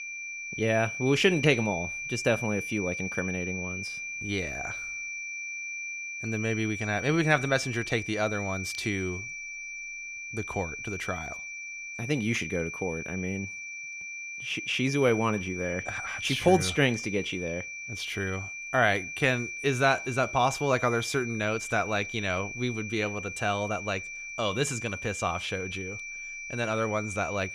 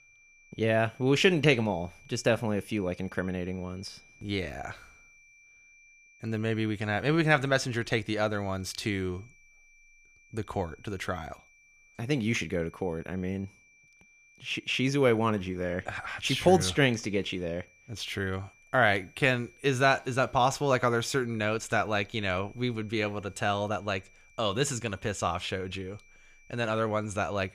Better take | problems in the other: second | high-pitched whine; loud; throughout; 2.5 kHz, 6 dB below the speech; faint in the second

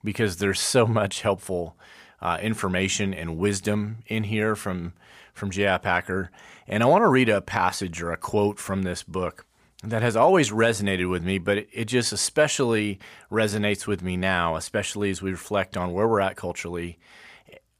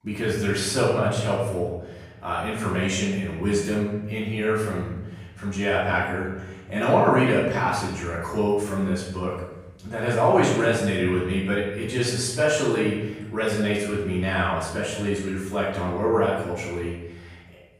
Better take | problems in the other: first | off-mic speech; far // room echo; noticeable; dies away in 1.2 s

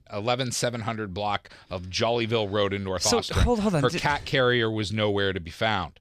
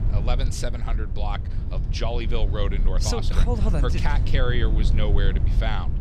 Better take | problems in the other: first | low rumble; loud; throughout; 10 dB below the speech

